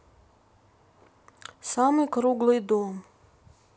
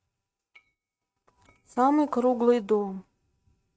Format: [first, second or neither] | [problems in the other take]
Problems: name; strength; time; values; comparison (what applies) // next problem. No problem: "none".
first | noise reduction (neural mask model RNNoise)